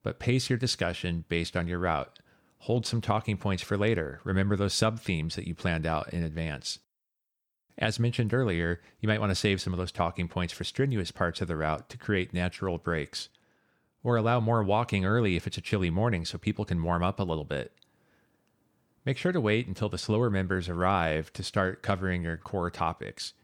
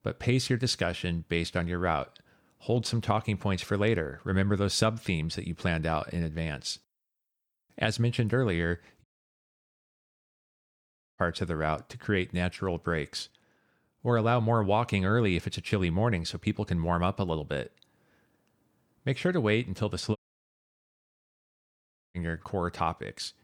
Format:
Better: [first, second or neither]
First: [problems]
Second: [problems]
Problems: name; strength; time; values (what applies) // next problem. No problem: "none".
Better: first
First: none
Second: audio cutting out; at 9 s for 2 s and at 20 s for 2 s